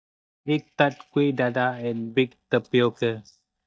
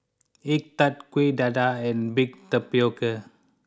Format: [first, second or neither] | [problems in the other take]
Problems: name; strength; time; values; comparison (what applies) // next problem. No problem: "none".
second | noise reduction (neural mask model DeepFilterNet 3)